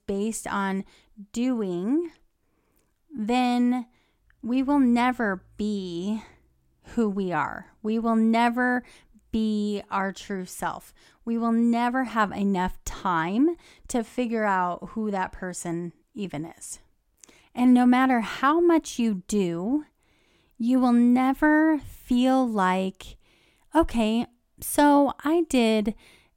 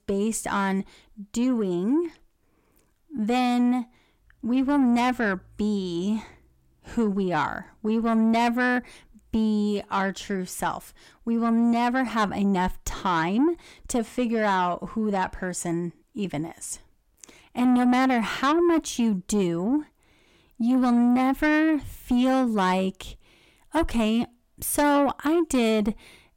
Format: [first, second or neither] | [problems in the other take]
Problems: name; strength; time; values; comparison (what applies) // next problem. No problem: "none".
first | distortion; slight; 10 dB below the speech